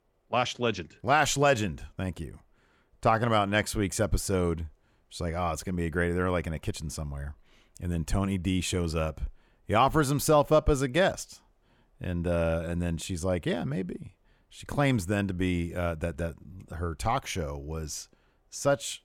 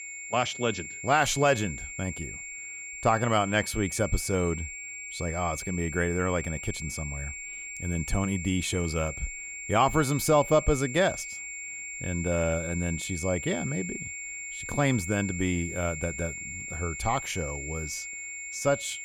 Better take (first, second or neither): first